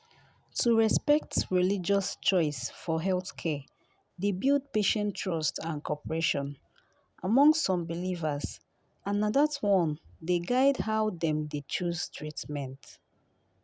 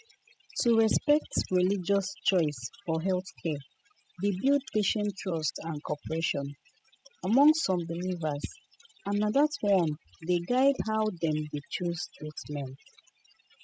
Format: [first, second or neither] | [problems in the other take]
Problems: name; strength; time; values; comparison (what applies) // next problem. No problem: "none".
first | noise reduction (classical method spectral subtraction)